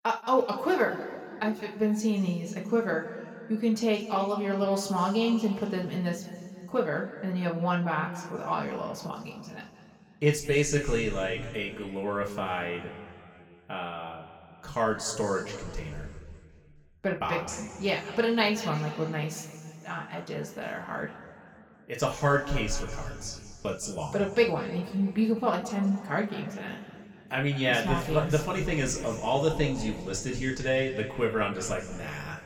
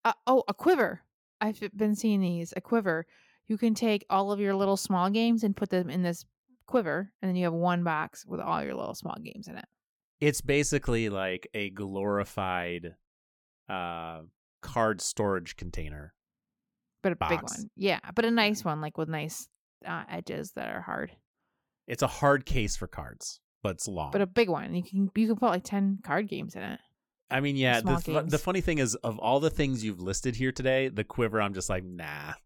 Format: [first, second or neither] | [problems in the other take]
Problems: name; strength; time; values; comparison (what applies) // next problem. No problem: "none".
second | room echo; slight; dies away in 2.1 s // off-mic speech; somewhat distant